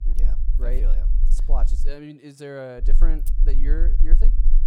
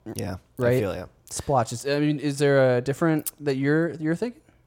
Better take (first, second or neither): second